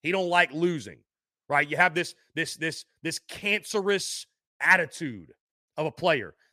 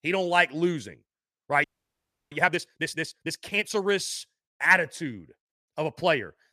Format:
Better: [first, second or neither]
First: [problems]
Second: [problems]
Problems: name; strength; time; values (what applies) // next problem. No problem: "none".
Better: first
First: none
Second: audio freezing; at 1.5 s for 0.5 s